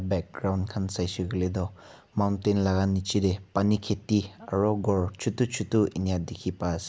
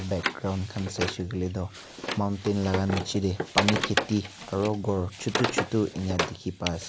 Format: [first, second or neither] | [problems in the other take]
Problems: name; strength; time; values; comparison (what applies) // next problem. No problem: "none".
first | background sound (Wood); 4 dB below the speech